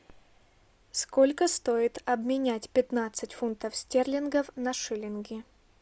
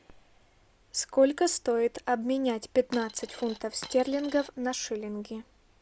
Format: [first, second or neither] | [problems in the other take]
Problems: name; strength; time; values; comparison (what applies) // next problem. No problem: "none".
first | background sound (Coin (dropping)); 16 dB below the speech